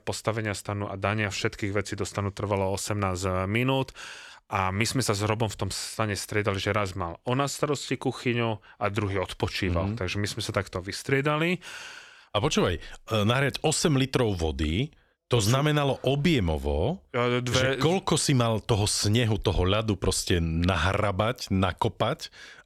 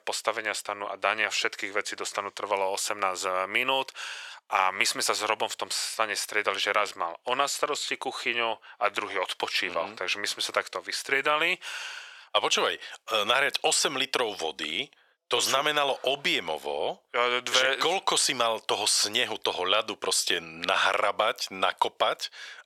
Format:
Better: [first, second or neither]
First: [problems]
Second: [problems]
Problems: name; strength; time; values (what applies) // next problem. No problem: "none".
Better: first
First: none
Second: thin; very; fading below 700 Hz